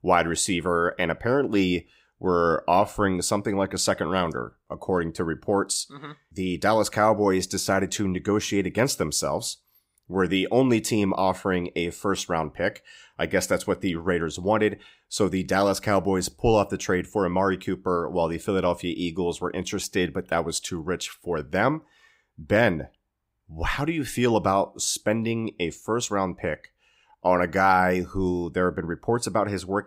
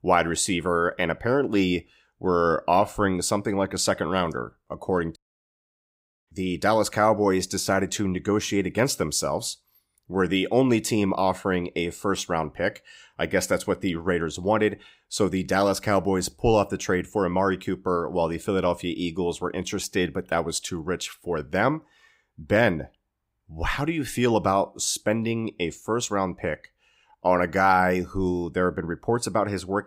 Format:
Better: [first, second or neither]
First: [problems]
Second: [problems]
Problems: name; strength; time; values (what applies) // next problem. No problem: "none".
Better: first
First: none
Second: audio cutting out; at 5 s for 1 s